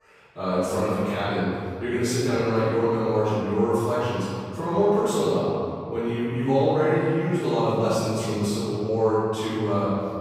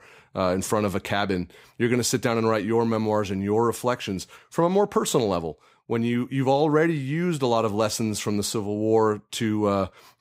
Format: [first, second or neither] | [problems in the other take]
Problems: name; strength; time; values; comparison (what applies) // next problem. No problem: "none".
second | off-mic speech; far // room echo; strong; dies away in 2.4 s